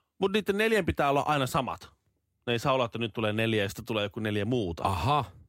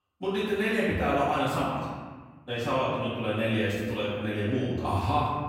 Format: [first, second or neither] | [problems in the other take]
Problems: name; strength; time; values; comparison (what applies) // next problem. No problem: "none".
first | off-mic speech; far // room echo; strong; dies away in 1.4 s